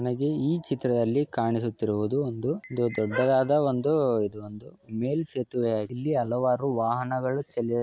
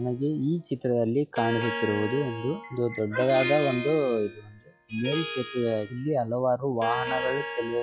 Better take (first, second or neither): first